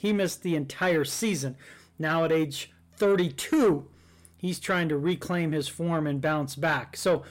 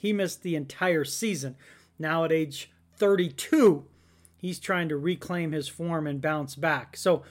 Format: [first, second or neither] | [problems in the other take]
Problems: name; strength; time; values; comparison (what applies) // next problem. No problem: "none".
second | distortion; slight; 10 dB below the speech